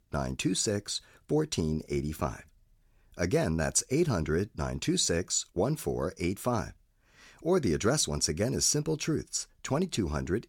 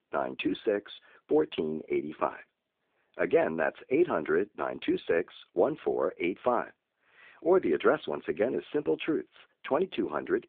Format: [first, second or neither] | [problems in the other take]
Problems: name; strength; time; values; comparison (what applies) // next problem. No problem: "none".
first | phone-call audio; nothing above 3.5 kHz